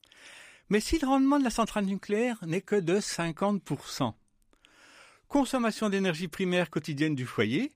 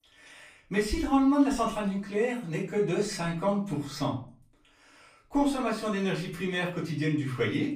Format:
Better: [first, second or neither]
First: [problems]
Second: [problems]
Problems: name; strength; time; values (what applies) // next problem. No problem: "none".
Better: first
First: none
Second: off-mic speech; far // room echo; slight; dies away in 0.3 s